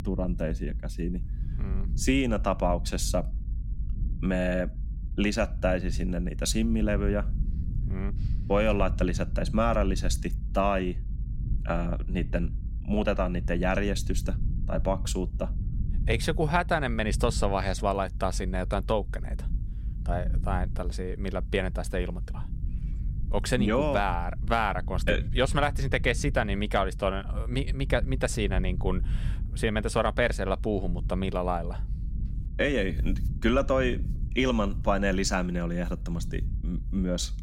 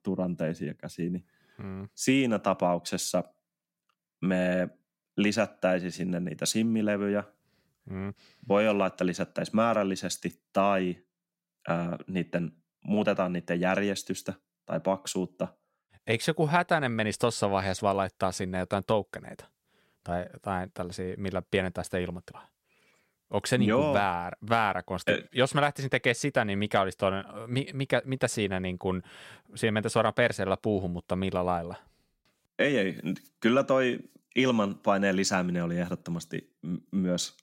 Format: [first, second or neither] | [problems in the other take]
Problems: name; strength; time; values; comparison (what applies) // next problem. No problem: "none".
second | low rumble; faint; throughout; 20 dB below the speech